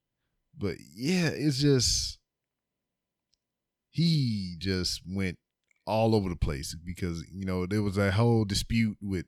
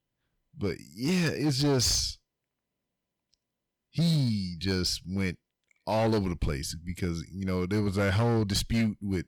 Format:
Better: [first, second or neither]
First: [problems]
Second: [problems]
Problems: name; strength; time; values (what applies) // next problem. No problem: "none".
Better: first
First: none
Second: distortion; slight; 7% of the sound clipped